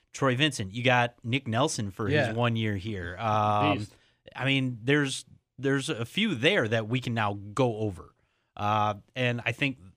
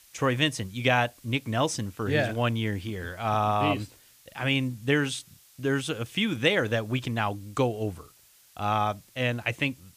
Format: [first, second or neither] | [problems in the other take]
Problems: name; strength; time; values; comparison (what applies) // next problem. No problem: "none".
first | hiss; faint; throughout; 25 dB below the speech